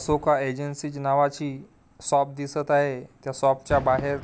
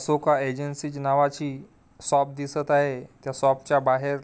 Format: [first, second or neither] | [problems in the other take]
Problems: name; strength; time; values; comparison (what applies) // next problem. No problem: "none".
second | background sound (Fireworks); 16 dB below the speech